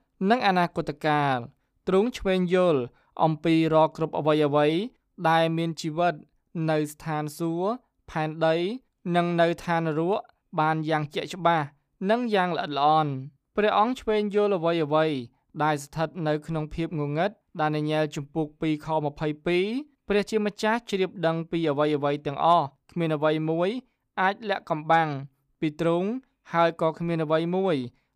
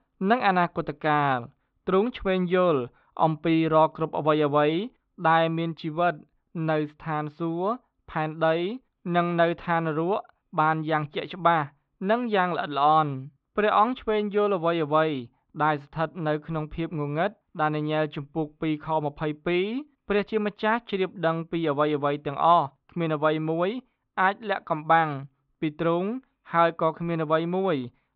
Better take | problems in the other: first | muffled; very slightly; fading above 3.5 kHz

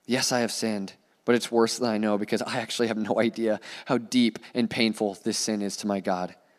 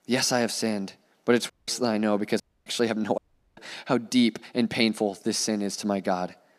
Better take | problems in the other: first | audio cutting out; at 1.5 s, at 2.5 s and at 3 s

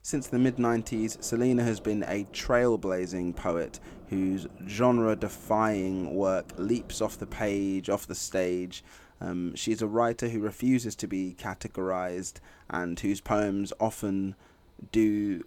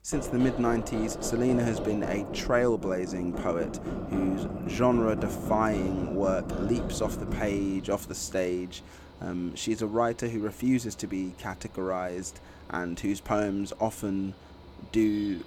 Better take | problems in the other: first | machinery noise; loud; throughout; 6 dB below the speech; faint in the first

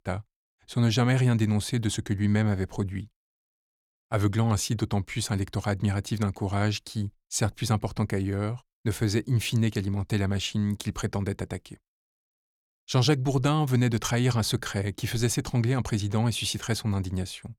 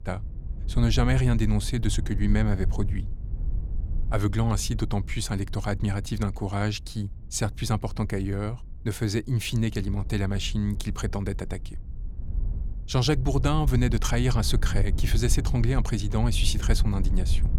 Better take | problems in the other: first | wind noise on the microphone; occasional gusts; 15 dB below the speech

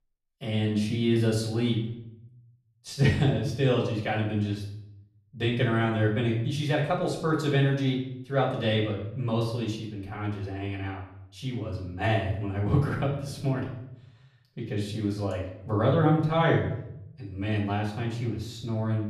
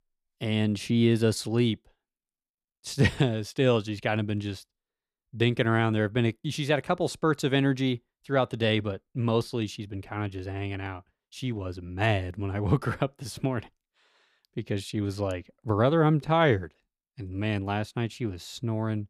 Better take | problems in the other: second | off-mic speech; far // room echo; noticeable; dies away in 0.7 s

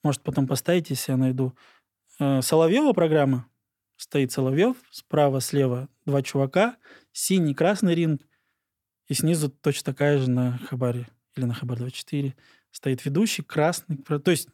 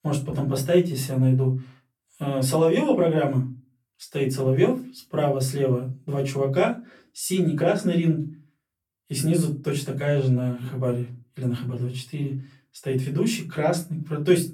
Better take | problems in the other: first | off-mic speech; far // room echo; very slight; dies away in 0.3 s

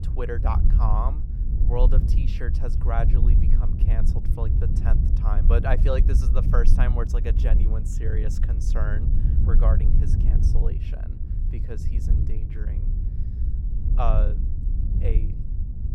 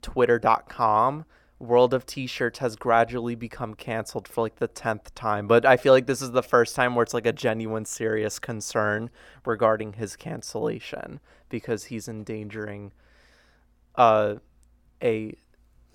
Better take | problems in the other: second | wind noise on the microphone; heavy; 7 dB below the speech

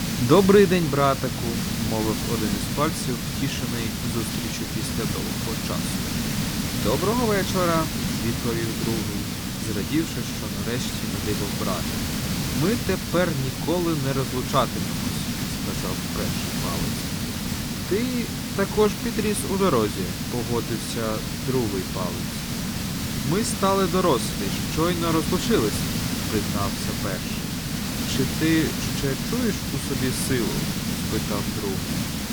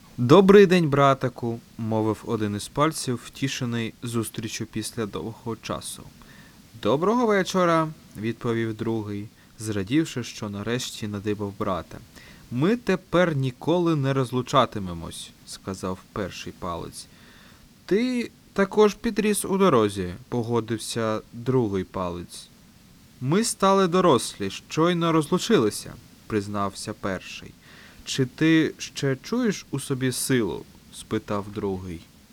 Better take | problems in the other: second | hiss; loud; throughout; 1 dB below the speech; faint in the second

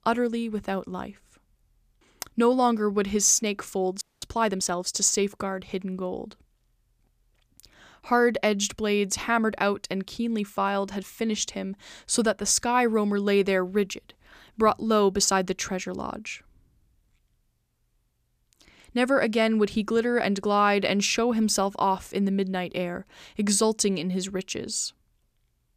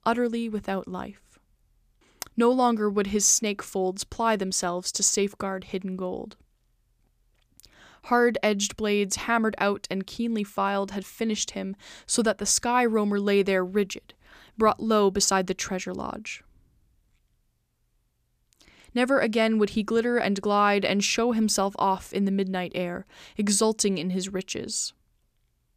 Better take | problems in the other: second | audio freezing; at 4 s

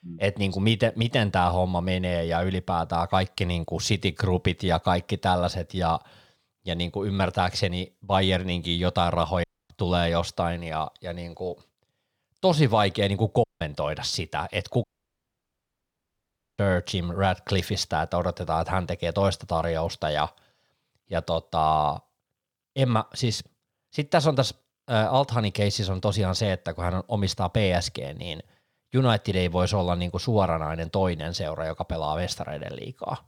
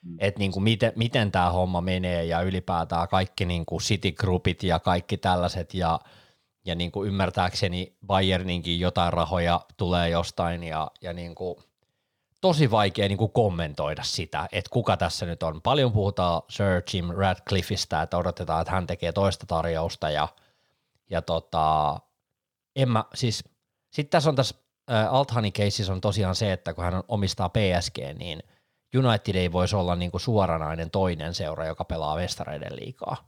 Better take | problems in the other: second | audio cutting out; at 9.5 s, at 13 s and at 15 s for 1.5 s

